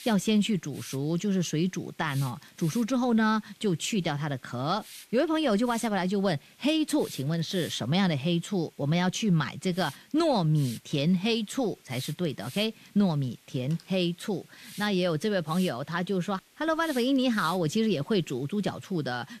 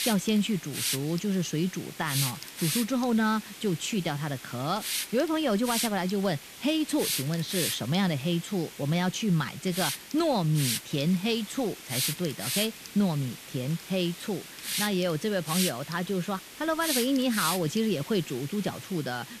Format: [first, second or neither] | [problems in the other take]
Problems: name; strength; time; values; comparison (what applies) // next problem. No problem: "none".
first | hiss; loud; throughout; 5 dB below the speech; faint in the first